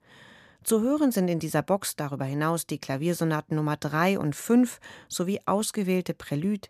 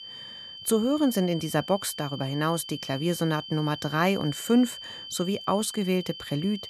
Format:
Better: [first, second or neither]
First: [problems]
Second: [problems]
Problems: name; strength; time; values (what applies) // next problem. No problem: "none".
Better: first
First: none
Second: high-pitched whine; noticeable; throughout; 3 kHz, 10 dB below the speech